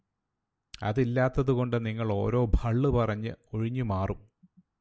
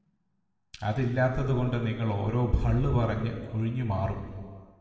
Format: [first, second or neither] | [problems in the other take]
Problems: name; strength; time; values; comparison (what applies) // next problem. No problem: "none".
first | room echo; dies away in 1.6 s